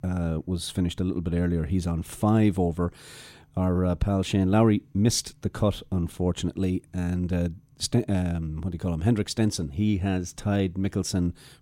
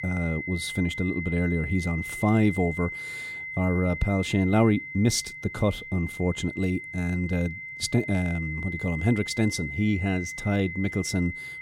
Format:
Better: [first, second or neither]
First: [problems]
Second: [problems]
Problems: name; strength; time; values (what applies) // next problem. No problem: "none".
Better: first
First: none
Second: high-pitched whine; loud; throughout; 2 kHz, 8 dB below the speech